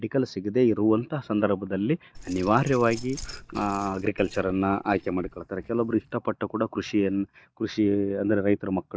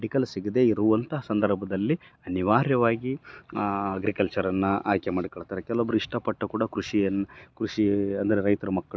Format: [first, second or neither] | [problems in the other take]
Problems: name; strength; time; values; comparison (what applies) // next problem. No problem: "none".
second | noise reduction (neural mask model DeepFilterNet 3)